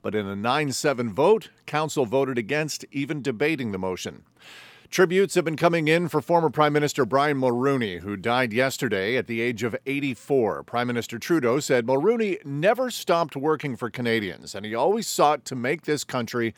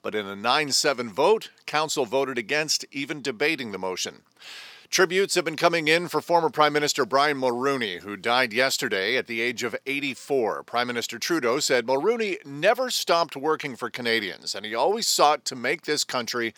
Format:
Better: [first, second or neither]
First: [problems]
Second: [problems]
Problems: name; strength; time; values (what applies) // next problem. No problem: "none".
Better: first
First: none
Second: thin; very slightly; fading below 550 Hz